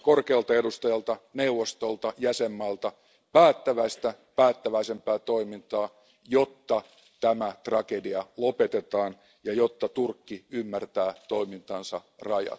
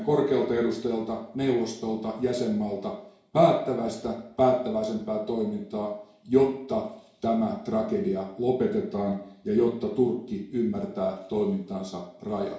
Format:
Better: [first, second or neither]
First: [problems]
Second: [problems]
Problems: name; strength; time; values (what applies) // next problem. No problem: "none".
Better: first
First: none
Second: room echo; dies away in 0.6 s